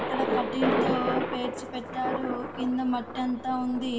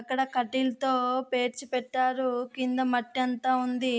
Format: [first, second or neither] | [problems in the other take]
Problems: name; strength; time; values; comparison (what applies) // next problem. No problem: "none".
second | background sound (Thunder); as loud as the speech // room echo; dies away in 1.9 s